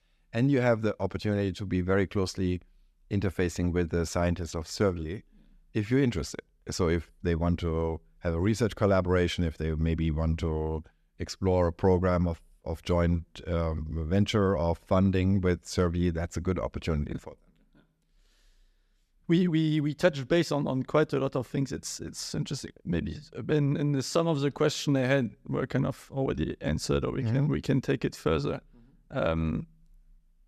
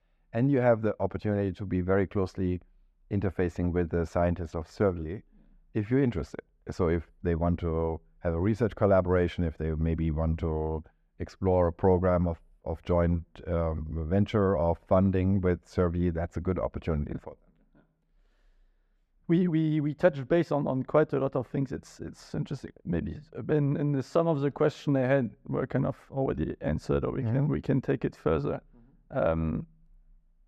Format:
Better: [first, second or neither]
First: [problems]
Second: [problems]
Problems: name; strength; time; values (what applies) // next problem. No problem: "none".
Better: first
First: none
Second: muffled; very; fading above 3 kHz